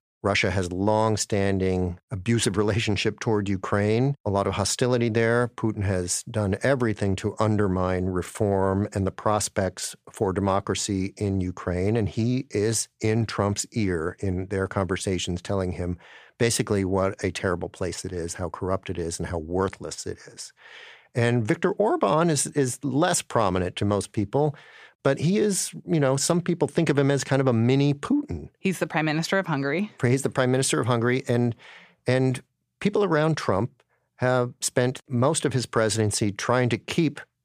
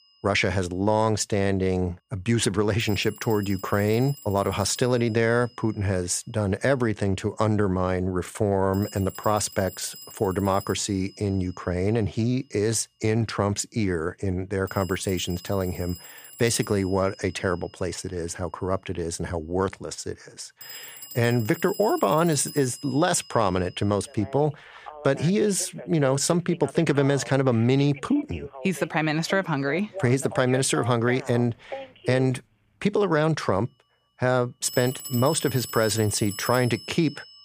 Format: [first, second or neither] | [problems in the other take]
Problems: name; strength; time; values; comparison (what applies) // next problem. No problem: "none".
first | alarms or sirens; noticeable; throughout; 15 dB below the speech